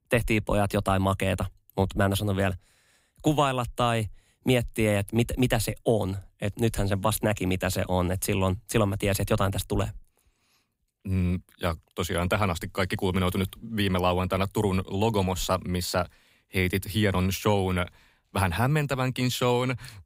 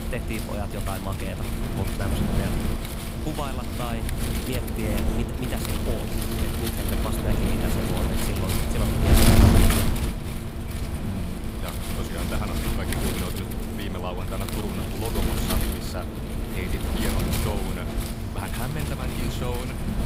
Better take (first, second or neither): first